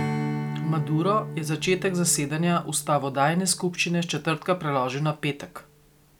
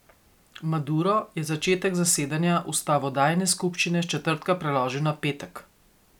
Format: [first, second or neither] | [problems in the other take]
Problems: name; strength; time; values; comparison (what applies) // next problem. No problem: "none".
second | background sound (Strum); 9 dB below the speech